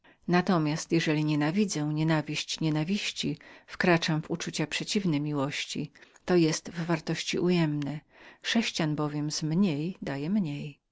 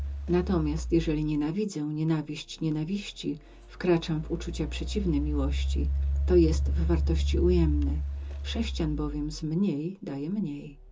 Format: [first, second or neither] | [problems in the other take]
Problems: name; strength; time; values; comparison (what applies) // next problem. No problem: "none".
first | background sound (Engine); 2 dB below the speech // room echo; dies away in 0.2 s